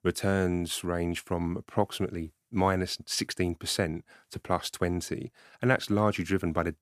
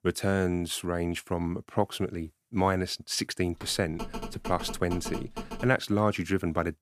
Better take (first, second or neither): first